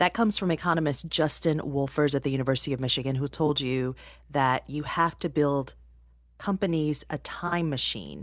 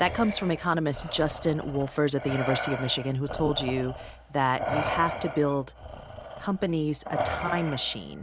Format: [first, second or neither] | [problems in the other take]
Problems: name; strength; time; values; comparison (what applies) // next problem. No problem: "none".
first | background sound (Respiratory sounds); 7 dB below the speech